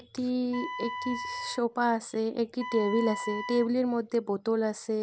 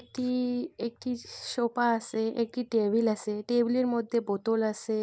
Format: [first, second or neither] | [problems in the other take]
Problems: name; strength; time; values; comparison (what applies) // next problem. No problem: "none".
second | background sound (Wind instrument, woodwind instrument); 10 dB below the speech